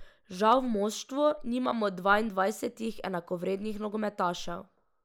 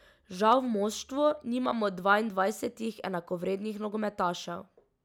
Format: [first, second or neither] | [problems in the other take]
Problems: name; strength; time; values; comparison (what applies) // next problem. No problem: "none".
second | noise reduction (neural mask model Resemble Enhance denoiser)